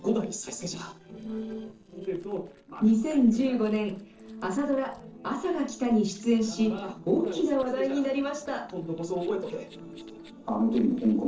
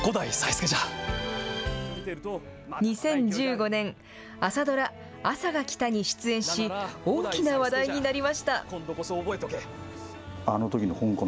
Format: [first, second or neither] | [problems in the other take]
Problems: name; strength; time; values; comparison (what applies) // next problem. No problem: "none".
second | noise reduction (neural separator model SepFormer DNS4)